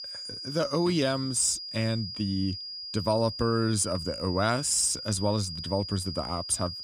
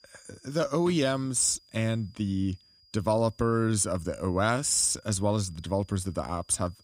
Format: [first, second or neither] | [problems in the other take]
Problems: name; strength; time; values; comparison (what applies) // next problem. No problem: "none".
second | high-pitched whine; loud; throughout; 5 kHz, 8 dB below the speech; faint in the second